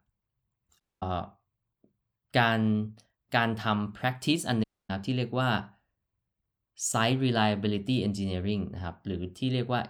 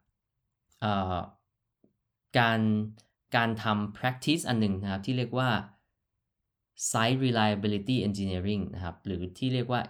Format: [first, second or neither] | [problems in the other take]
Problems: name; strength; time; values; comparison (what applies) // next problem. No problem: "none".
second | audio cutting out; at 1 s and at 4.5 s